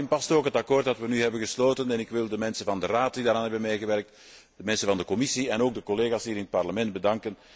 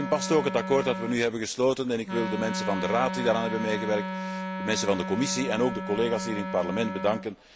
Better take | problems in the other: first | background sound (Wind instrument, woodwind instrument); 6 dB below the speech

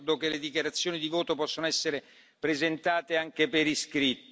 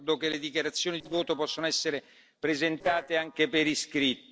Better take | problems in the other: first | noise reduction (neural separator model SepFormer DNS4)

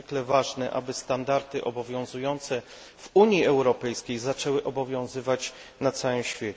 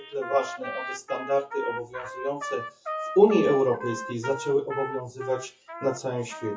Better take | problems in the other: first | noise reduction (classical method WPE with log-MMSE)

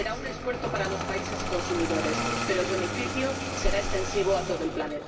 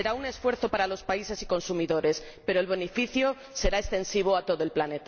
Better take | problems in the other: second | background sound (Engine starting); 3 dB below the speech // room echo; dies away in 2.4 s

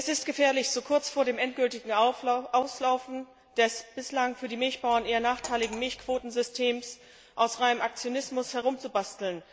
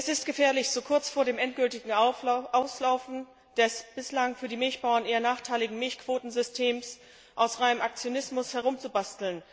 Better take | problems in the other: second | background sound (Cutlery, silverware); 16 dB below the speech

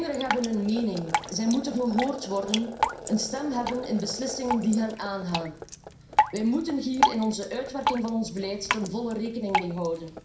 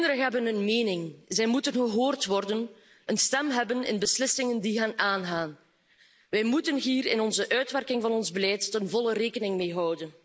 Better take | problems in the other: second | background sound (Drip); 3 dB below the speech // room echo; dies away in 0.5 s

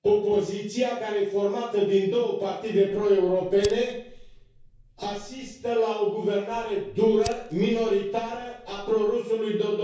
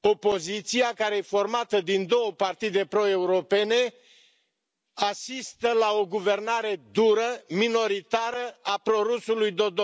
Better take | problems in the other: second | background sound (Fire); 19 dB below the speech // room echo; dies away in 0.6 s

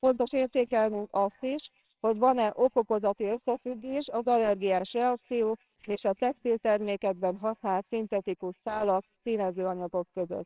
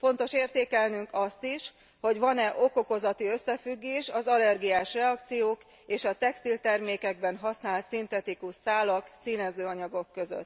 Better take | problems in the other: second | noise reduction (neural separator model SepFormer WHAMR!)

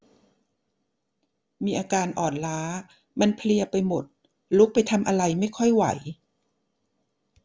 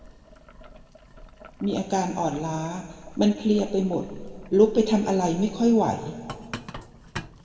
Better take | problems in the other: first | background sound (Boiling); 17 dB below the speech // room echo; dies away in 1.8 s

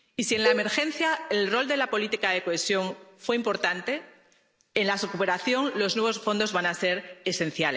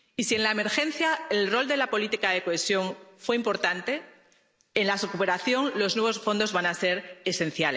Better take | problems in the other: second | background sound (Cowbell); 6 dB below the speech

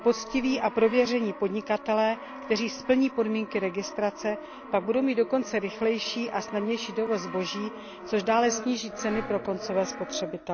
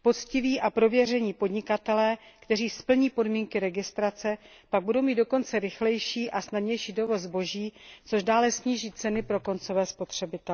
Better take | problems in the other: second | background sound (Brass instrument); 12 dB below the speech

